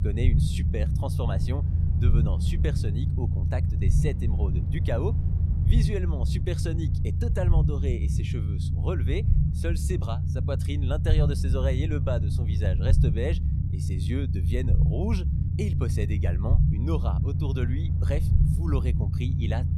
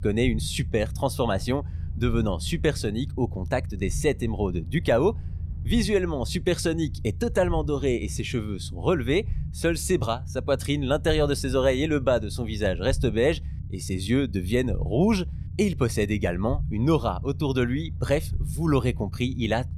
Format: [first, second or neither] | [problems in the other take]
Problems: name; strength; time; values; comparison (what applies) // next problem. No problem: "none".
second | low rumble; loud; throughout; 3 dB below the speech; faint in the second